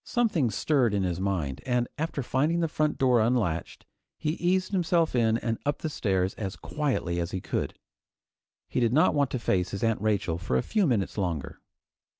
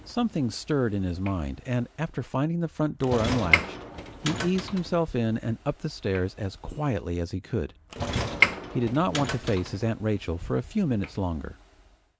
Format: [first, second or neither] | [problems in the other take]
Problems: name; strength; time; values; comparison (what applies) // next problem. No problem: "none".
first | background sound (Sliding door / Train); 6 dB below the speech